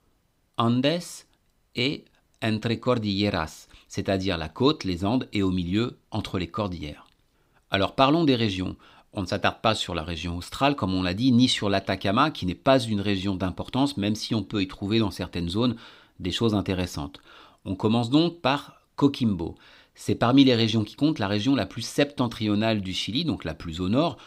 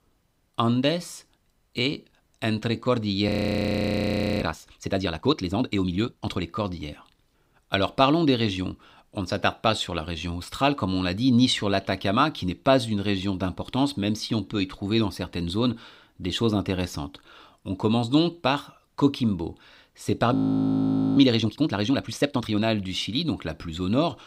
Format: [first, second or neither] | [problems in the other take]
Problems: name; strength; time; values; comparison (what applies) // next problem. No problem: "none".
first | audio freezing; at 3.5 s for 1 s and at 20 s for 1 s